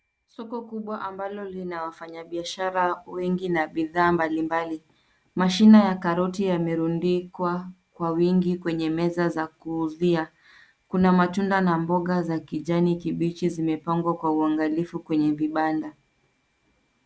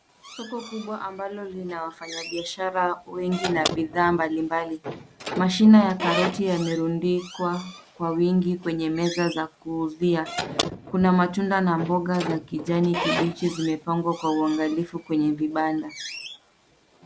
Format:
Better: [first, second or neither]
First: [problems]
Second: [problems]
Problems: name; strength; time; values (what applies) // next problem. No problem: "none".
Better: first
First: none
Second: background sound (Squeak / Slam); 11 dB below the speech